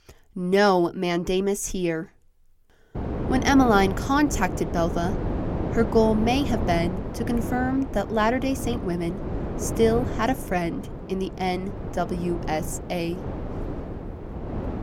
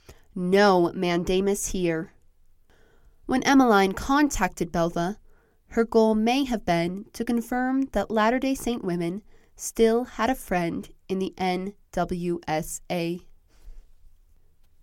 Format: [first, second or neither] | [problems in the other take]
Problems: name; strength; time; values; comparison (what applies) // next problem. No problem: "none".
second | wind noise on the microphone; heavy; from 3 s on; 10 dB below the speech